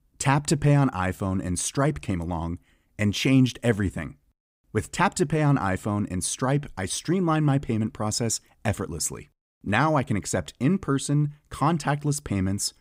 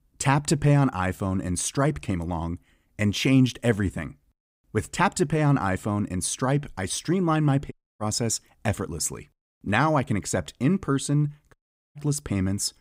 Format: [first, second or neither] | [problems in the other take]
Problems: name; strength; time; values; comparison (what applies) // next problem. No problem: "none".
first | audio cutting out; at 7.5 s and at 12 s